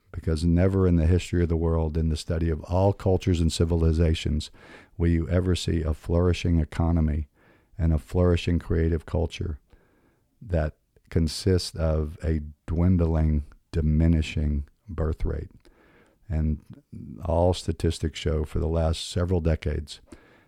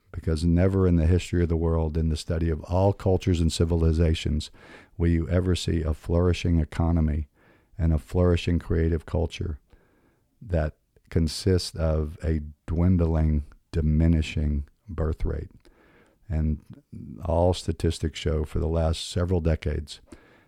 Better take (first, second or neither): neither